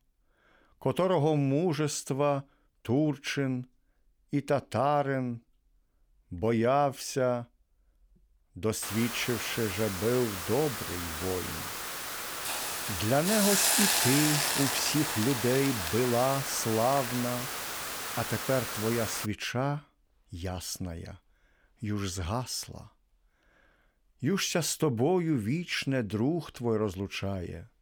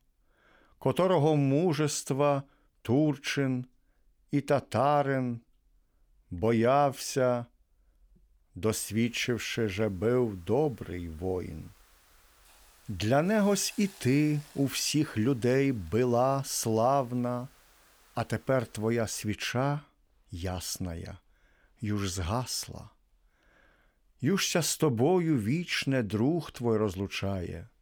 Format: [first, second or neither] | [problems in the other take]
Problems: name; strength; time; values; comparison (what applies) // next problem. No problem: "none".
second | hiss; loud; from 9 to 19 s; as loud as the speech; faint in the second